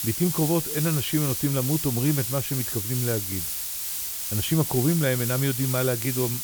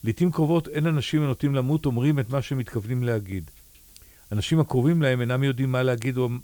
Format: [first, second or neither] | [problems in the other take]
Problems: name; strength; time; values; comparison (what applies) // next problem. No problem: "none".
second | hiss; loud; throughout; 2 dB below the speech; faint in the second